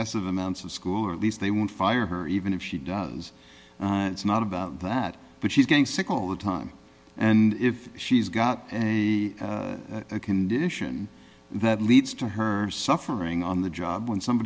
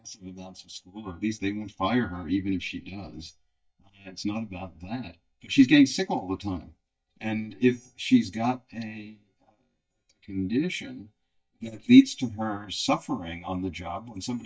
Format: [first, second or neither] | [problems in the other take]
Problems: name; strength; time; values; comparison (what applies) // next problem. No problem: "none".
first | noise reduction (neural mask model DeepFilterNet 3)